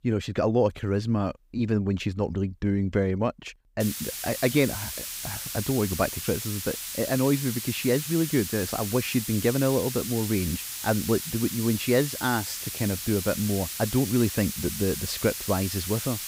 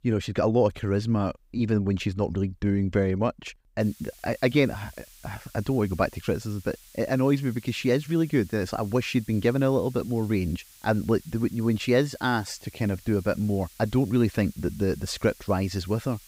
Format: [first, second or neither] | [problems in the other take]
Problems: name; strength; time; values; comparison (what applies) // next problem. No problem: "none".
second | hiss; loud; from 4 s on; 5 dB below the speech; faint in the second